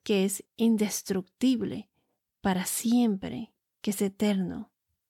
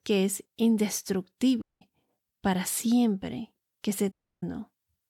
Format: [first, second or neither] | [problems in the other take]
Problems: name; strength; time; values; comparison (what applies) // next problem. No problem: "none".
first | audio cutting out; at 1.5 s and at 4 s